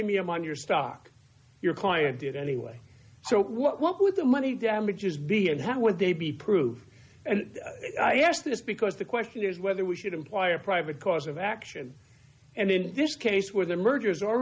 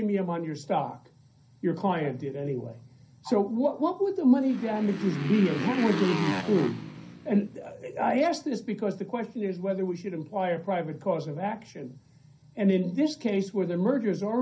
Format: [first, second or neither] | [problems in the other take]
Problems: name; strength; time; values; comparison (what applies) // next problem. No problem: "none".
first | background sound (Motorcycle); 7 dB below the speech // room echo; dies away in 0.3 s